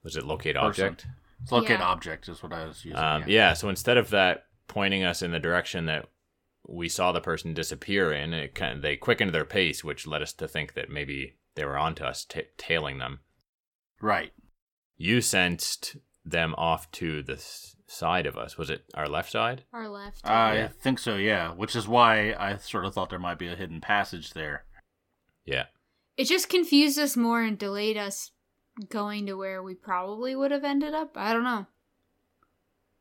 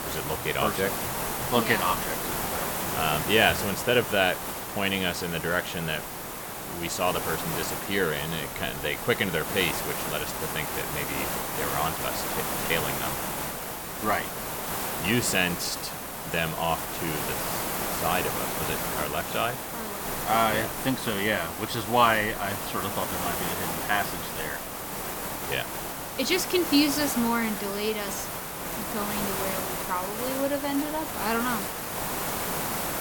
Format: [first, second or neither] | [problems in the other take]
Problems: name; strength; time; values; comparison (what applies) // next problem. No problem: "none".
first | hiss; loud; throughout; 2 dB below the speech